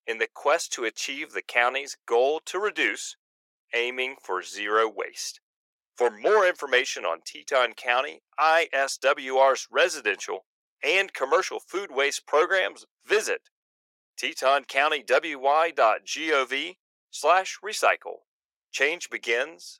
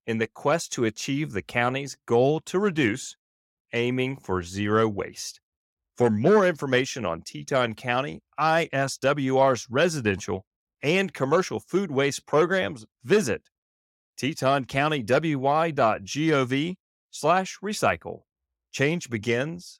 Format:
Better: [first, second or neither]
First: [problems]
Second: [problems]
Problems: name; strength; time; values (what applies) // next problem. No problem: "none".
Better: second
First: thin; very; fading below 450 Hz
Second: none